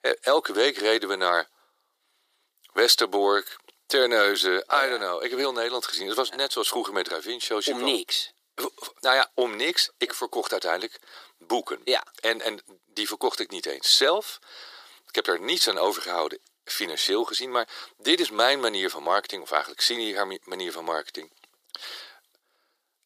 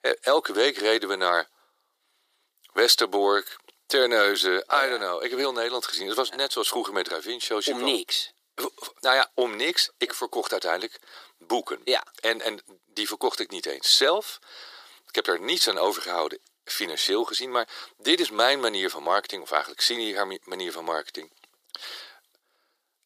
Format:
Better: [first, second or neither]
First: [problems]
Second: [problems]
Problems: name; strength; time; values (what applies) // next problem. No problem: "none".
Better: neither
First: thin; very; fading below 350 Hz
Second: thin; very; fading below 350 Hz